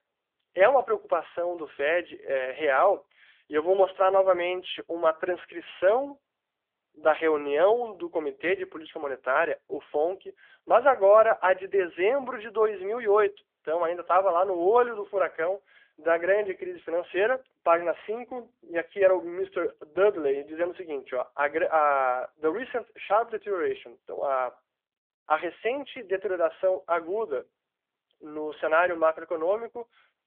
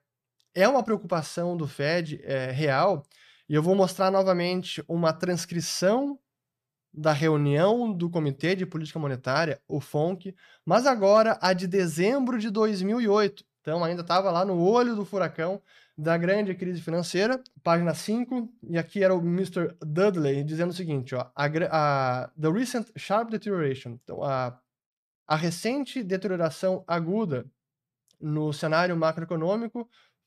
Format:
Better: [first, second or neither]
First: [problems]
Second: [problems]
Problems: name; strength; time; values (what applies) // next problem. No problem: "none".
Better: second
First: phone-call audio; nothing above 3.5 kHz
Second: none